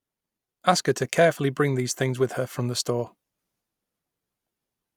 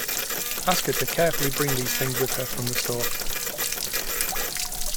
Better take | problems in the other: first | background sound (Printer + Stream / Trickle, dribble / Splash, splatter); 3 dB above the speech

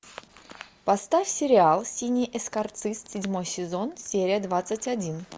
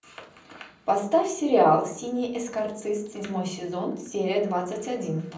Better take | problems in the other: first | room echo; dies away in 0.6 s

